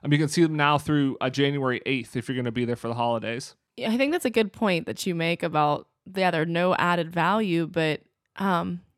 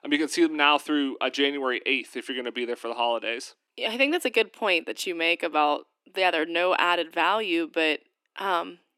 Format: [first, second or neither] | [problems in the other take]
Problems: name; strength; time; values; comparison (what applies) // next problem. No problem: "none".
first | thin; very slightly; fading below 300 Hz